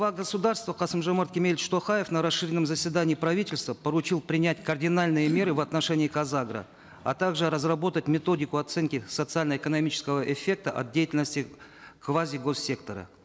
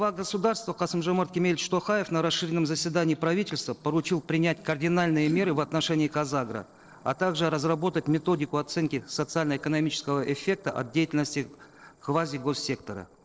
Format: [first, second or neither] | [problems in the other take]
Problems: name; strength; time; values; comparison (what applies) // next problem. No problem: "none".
first | noise reduction (neural separator model SepFormer DNS4)